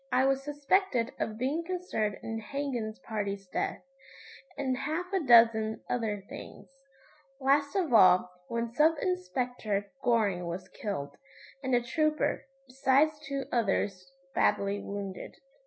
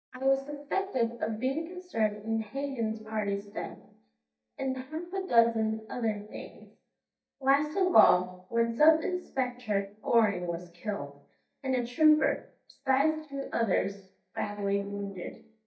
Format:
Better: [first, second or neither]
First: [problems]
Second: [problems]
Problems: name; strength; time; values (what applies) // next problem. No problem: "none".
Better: first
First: none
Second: noise reduction (neural mask model DeepFilterNet 3)